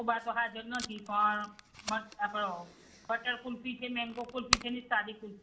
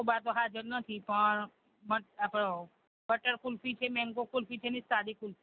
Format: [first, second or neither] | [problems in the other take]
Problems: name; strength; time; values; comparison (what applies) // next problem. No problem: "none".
second | background sound (Packing tape, duct tape); 7 dB below the speech // room echo; dies away in 0.4 s